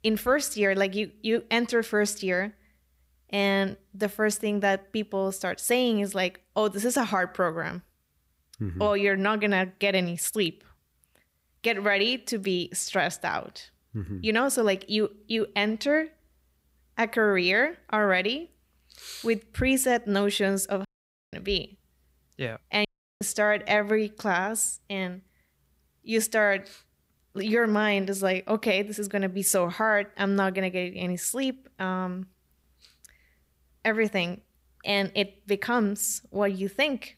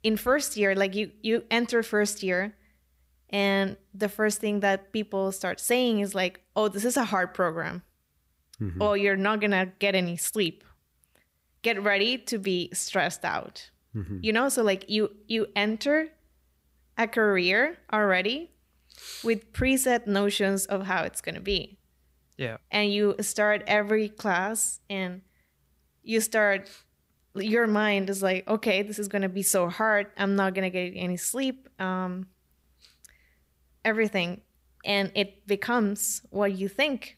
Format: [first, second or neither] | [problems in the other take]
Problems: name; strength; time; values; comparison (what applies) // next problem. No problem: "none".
second | audio cutting out; at 21 s and at 23 s